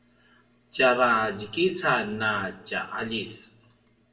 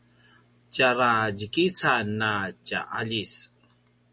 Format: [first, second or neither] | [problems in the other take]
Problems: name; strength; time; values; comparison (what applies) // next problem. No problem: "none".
second | room echo; dies away in 0.6 s